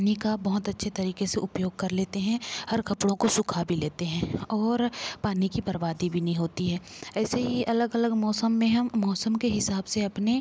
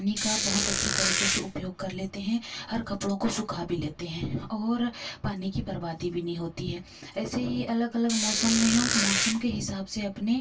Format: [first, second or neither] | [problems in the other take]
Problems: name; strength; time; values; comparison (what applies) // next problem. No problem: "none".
first | background sound (Squeak); 2 dB above the speech // room echo; dies away in 0.1 s